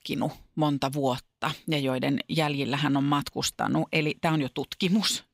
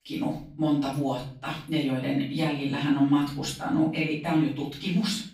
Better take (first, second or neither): first